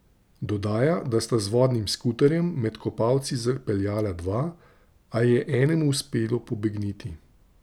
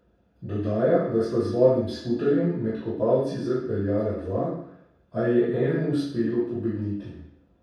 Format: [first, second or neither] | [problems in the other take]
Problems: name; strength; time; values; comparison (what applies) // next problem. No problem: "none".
first | room echo; dies away in 0.7 s